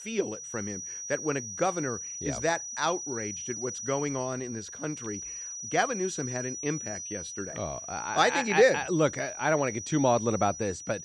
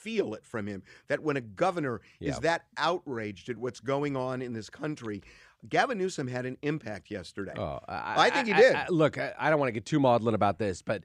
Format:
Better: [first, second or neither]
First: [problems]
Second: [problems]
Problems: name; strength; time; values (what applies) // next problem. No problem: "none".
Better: second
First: high-pitched whine; loud; throughout; 6 kHz, 7 dB below the speech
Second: none